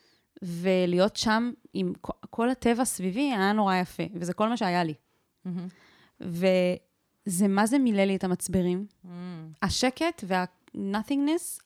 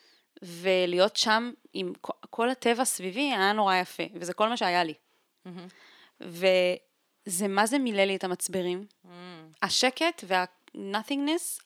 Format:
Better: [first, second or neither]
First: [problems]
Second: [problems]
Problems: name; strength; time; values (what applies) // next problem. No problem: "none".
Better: first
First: none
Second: thin; somewhat; fading below 350 Hz